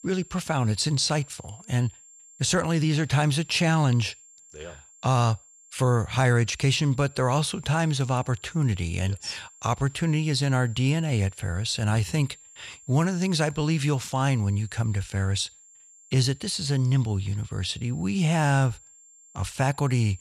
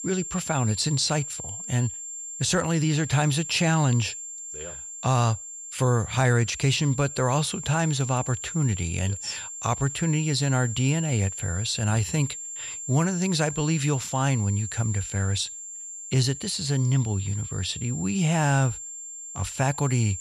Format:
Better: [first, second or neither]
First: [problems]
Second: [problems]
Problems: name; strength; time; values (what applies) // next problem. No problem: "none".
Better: first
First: high-pitched whine; faint; throughout; 7.5 kHz, 25 dB below the speech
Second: high-pitched whine; loud; throughout; 7.5 kHz, 9 dB below the speech